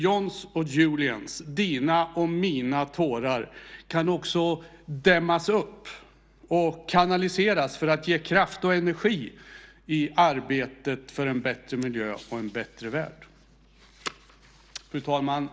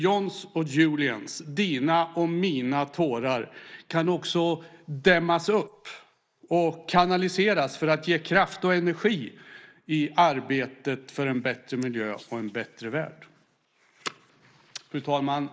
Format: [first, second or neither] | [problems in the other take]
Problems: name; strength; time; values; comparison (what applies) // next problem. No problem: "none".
first | noise reduction (neural mask model Resemble Enhance denoiser)